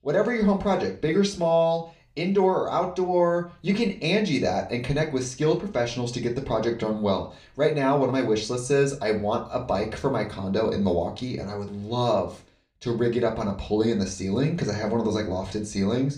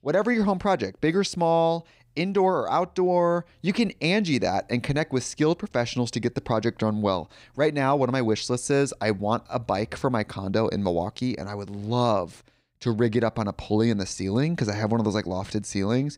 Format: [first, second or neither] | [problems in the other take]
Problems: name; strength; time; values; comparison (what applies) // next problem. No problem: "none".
second | room echo; very slight; dies away in 0.3 s // off-mic speech; somewhat distant